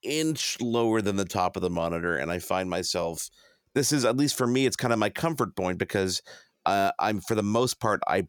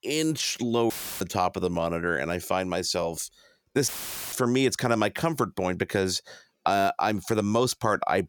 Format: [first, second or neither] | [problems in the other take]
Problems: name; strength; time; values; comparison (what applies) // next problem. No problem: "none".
first | audio cutting out; filled with static; at 1 s and at 4 s